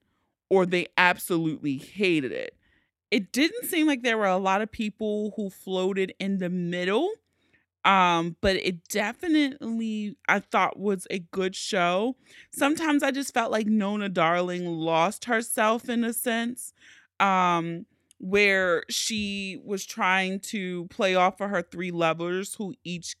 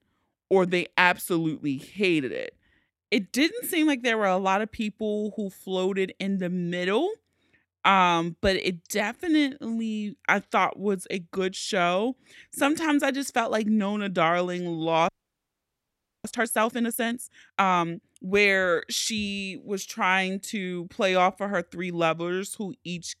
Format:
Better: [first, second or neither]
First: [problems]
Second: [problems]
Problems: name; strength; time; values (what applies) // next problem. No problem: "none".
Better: first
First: none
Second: audio freezing; at 15 s for 1 s